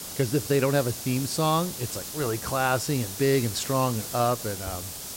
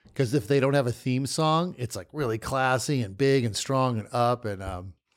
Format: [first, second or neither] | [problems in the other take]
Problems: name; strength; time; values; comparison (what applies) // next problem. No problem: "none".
second | hiss; loud; throughout; 7 dB below the speech